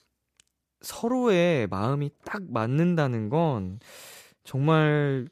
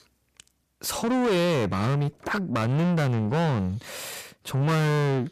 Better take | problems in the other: first | distortion; heavy; 6 dB below the speech

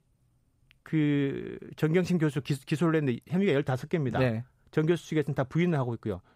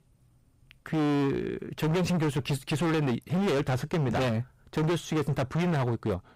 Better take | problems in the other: first | distortion; heavy; 26% of the sound clipped

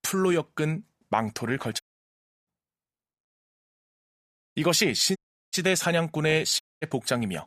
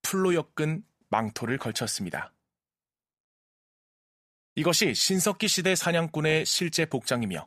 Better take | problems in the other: second | audio cutting out; at 2 s for 0.5 s, at 5 s and at 6.5 s

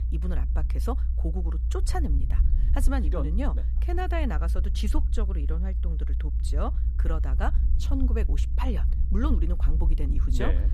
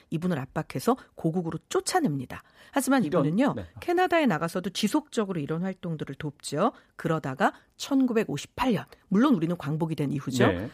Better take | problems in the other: second | low rumble; noticeable; throughout; 10 dB below the speech

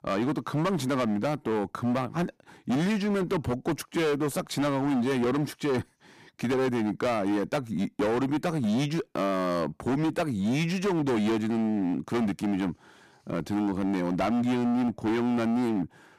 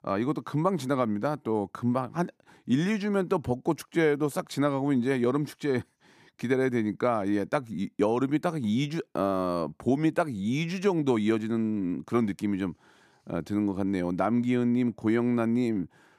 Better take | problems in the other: second | distortion; heavy; 24% of the sound clipped

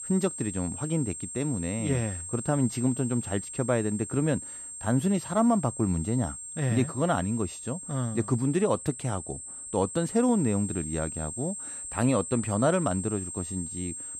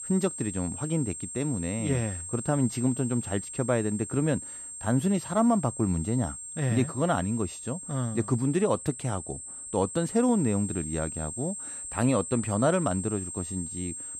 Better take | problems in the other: neither | high-pitched whine; loud; throughout; 8.5 kHz, 8 dB below the speech; the same in both

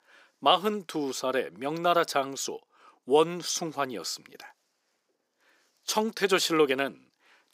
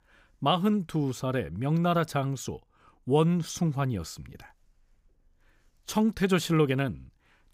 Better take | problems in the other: second | thin; somewhat; fading below 350 Hz

